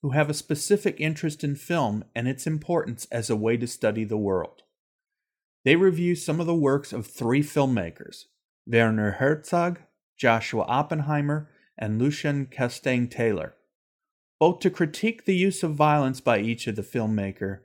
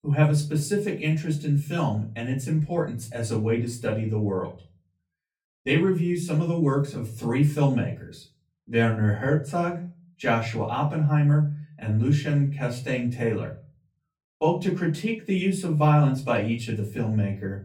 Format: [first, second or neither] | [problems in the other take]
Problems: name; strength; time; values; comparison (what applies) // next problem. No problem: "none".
first | off-mic speech; far // room echo; very slight; dies away in 0.4 s